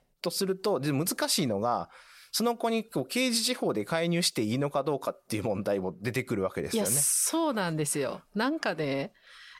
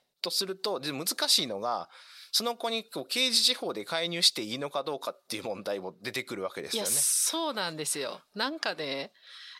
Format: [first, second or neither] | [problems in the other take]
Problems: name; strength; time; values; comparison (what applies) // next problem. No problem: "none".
first | thin; very slightly; fading below 1 kHz